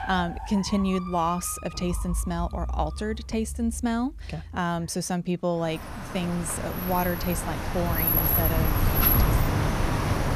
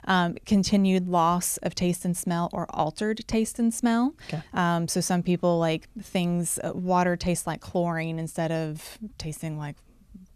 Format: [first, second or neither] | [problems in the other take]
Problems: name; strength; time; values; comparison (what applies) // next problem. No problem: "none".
second | traffic noise; very loud; throughout; 2 dB above the speech